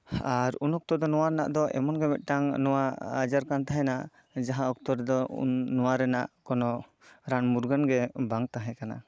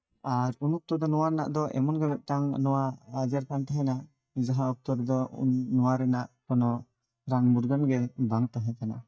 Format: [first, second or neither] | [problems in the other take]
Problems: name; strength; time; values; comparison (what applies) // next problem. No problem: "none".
first | noise reduction (neural mask model DeepFilterNet 3)